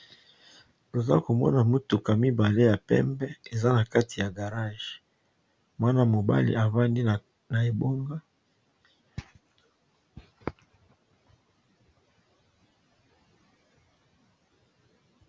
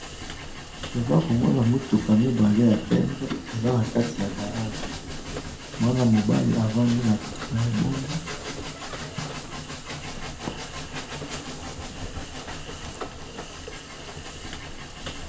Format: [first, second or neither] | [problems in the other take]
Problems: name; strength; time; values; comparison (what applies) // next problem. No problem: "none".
first | background sound (Train); 9 dB below the speech // room echo; dies away in 0.5 s